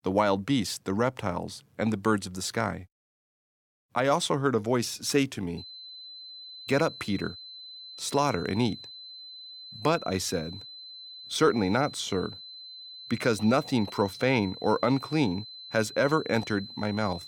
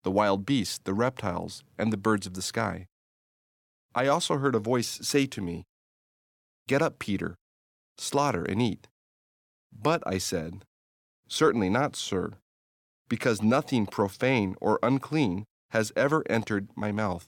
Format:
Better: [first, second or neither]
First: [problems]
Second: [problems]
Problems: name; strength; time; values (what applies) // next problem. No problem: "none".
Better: second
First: high-pitched whine; noticeable; from 5.5 s on; 4 kHz, 15 dB below the speech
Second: none